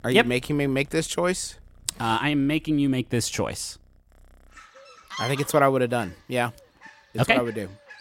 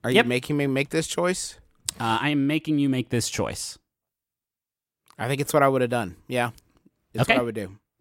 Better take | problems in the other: second | animal sounds; noticeable; throughout; 20 dB below the speech

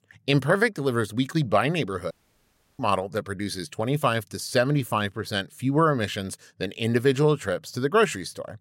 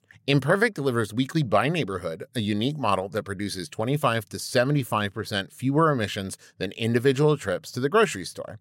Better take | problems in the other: second | audio cutting out; at 2 s for 0.5 s

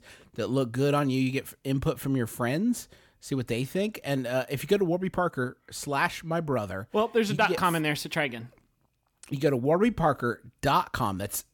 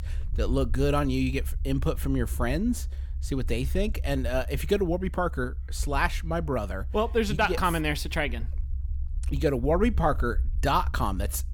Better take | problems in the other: first | low rumble; faint; throughout; 25 dB below the speech

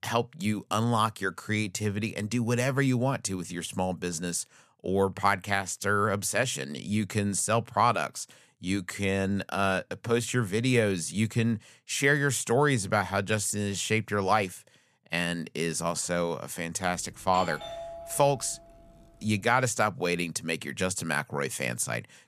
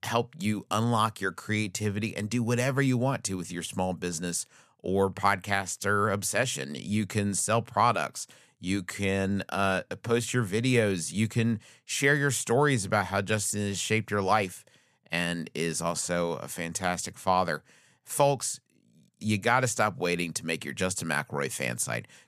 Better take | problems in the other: second | doorbell; noticeable; from 17 to 19 s; peak 9 dB below the speech

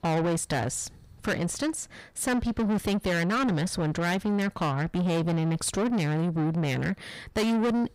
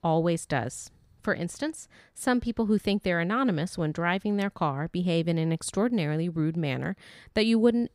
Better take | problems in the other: second | distortion; heavy; 6 dB below the speech

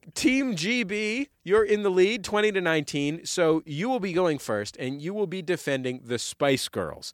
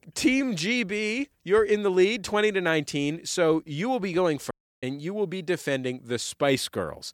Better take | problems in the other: first | audio cutting out; at 4.5 s

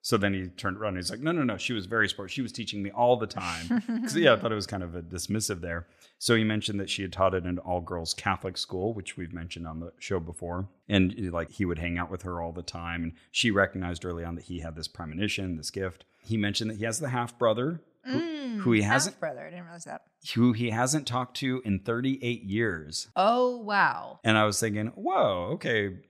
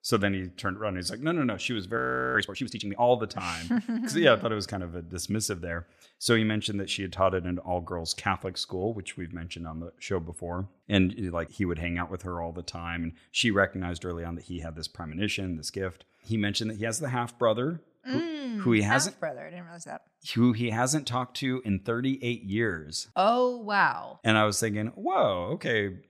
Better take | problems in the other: first | audio freezing; at 2 s

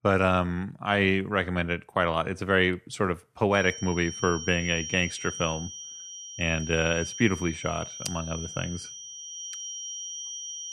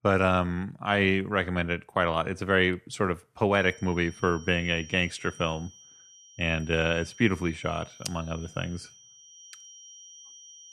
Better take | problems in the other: second | high-pitched whine; loud; from 3.5 s on; 5.5 kHz, 9 dB below the speech; faint in the second

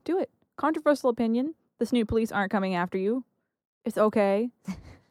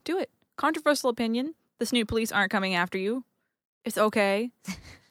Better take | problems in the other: second | muffled; slightly; fading above 1.5 kHz

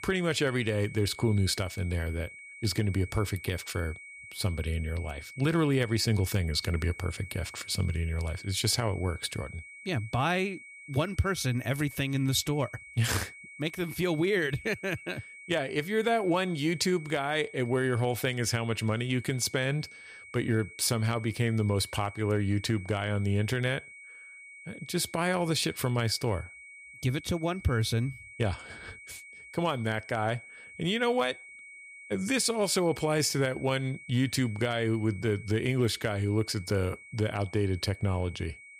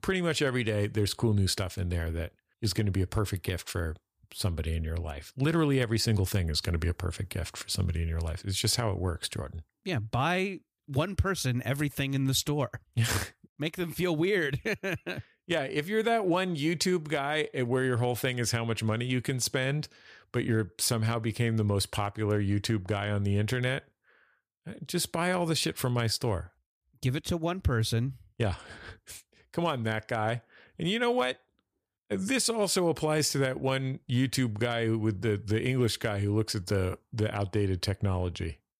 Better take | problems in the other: second | high-pitched whine; noticeable; throughout; 2 kHz, 15 dB below the speech

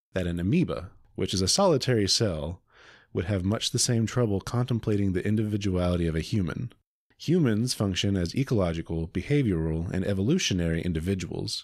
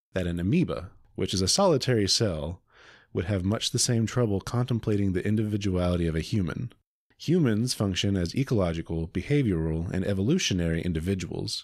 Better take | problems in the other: neither | none

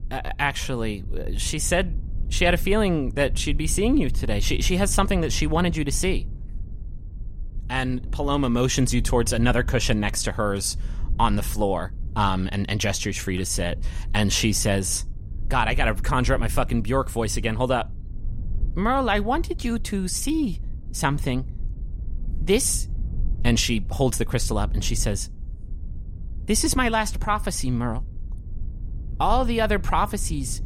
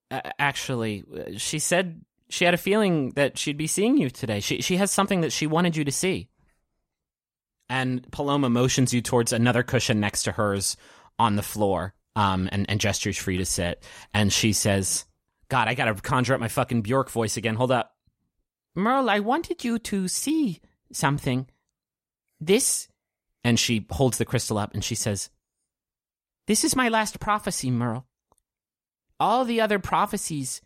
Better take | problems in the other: second | low rumble; faint; throughout; 25 dB below the speech

